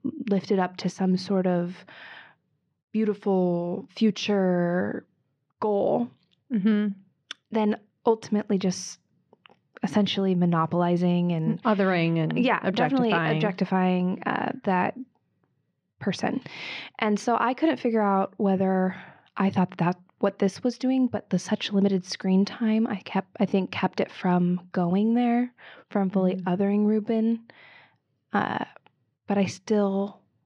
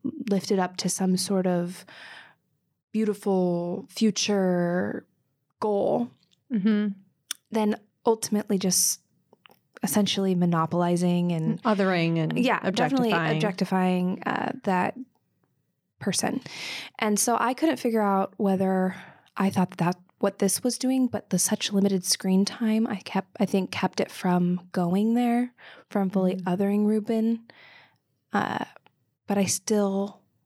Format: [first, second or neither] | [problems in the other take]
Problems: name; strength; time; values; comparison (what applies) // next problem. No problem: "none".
second | muffled; slightly; fading above 4 kHz